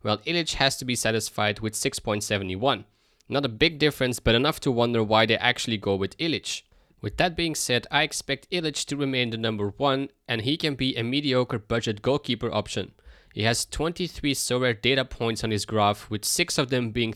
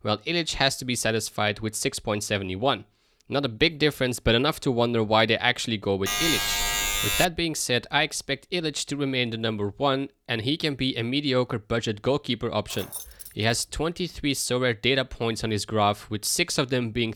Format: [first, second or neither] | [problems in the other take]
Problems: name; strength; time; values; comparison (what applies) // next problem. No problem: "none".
first | alarm; loud; from 6 to 7.5 s; peak 2 dB above the speech // jangling keys; faint; at 13 s; peak 10 dB below the speech